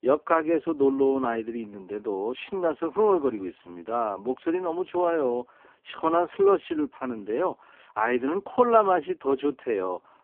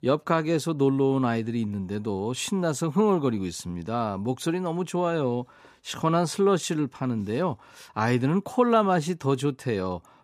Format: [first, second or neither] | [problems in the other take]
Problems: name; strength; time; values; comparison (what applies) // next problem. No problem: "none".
second | phone-call audio; poor line